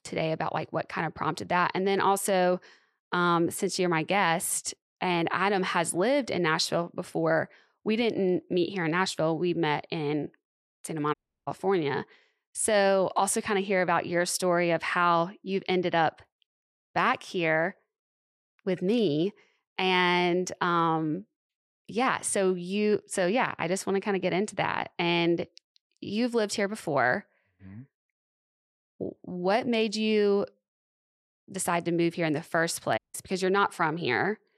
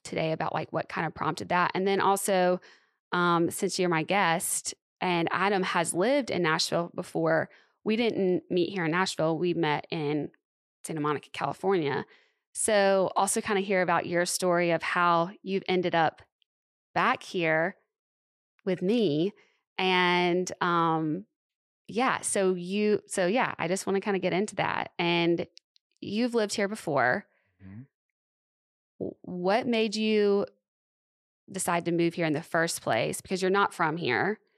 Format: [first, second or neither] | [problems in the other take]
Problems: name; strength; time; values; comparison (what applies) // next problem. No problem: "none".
second | audio cutting out; at 11 s and at 33 s